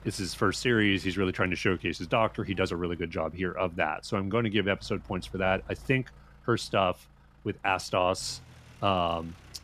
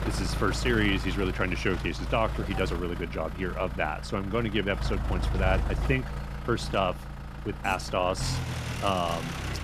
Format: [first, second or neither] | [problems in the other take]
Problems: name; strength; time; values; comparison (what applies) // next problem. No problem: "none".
first | traffic noise; loud; throughout; 4 dB below the speech; faint in the first